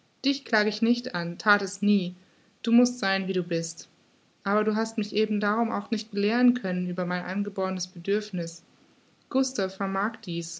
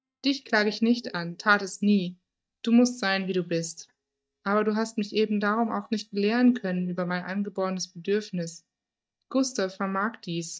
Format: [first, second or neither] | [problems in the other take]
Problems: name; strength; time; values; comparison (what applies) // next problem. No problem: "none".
first | noise reduction (neural mask model DeepFilterNet 3)